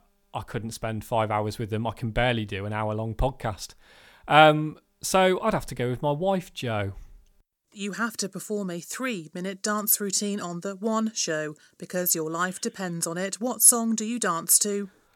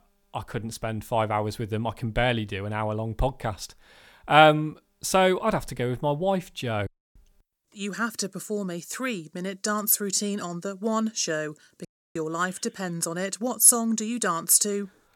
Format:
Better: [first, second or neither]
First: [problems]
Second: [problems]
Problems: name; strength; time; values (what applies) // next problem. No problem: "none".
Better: first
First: none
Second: audio cutting out; at 7 s and at 12 s